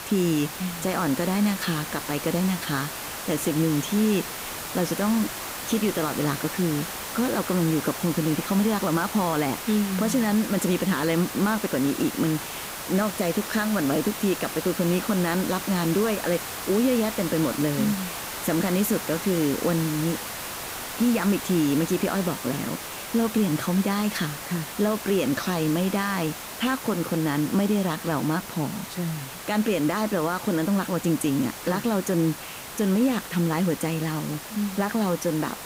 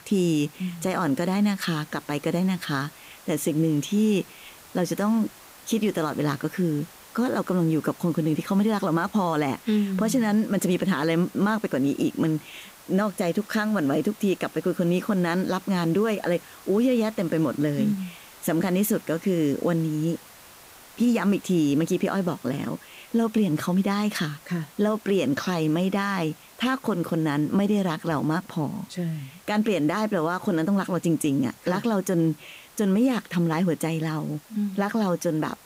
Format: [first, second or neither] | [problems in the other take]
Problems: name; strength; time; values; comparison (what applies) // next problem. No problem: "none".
second | hiss; loud; throughout; 7 dB below the speech; faint in the second